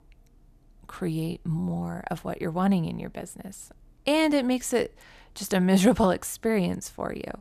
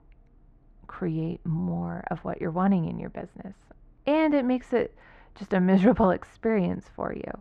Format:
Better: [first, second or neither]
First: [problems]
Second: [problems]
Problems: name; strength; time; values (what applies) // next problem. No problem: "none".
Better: first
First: none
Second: muffled; very; fading above 1.5 kHz